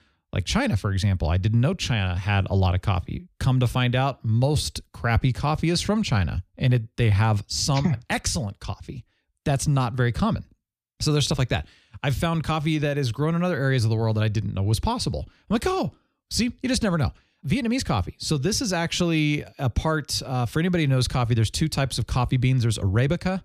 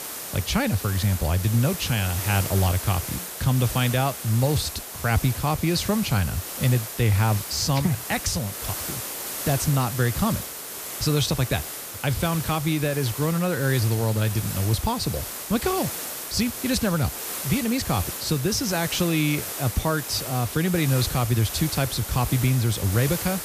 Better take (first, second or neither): first